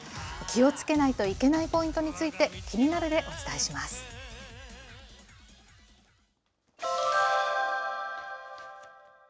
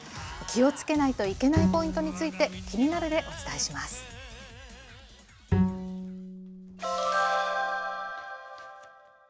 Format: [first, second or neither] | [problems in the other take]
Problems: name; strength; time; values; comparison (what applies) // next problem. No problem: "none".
first | background sound (Bowed string instrument); 3 dB below the speech